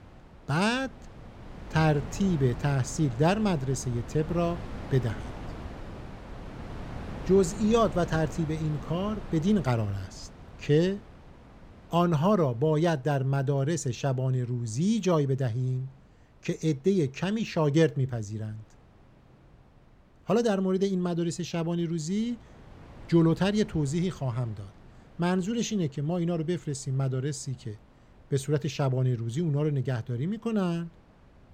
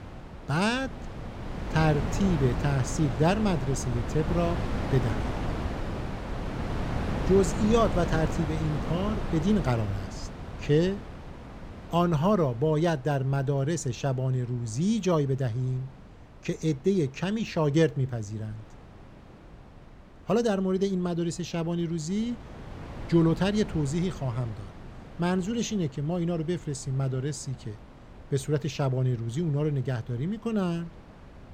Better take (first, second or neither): first